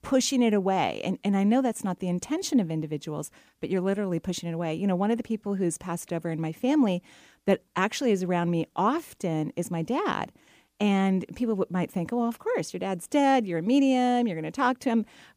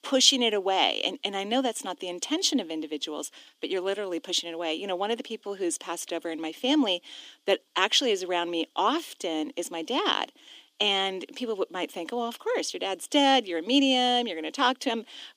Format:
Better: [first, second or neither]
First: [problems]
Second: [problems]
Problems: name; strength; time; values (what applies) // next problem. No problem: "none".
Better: first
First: none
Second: thin; very slightly; fading below 300 Hz